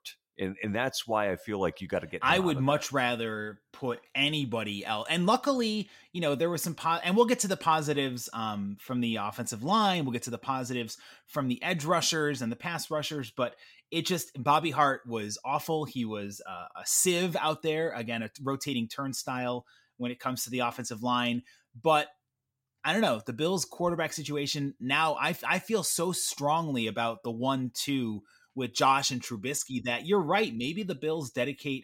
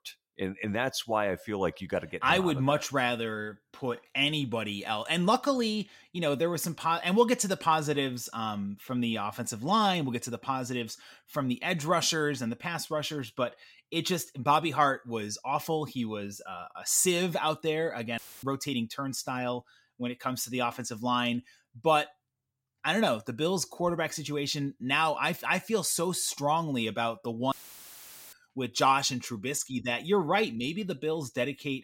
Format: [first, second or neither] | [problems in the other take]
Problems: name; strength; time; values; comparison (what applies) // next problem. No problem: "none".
first | audio cutting out; filled with static; at 18 s and at 28 s for 1 s